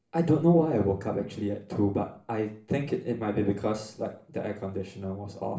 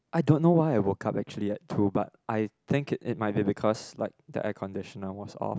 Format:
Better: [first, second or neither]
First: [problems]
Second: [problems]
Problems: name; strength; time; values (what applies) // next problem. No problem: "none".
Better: second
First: room echo; dies away in 0.4 s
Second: none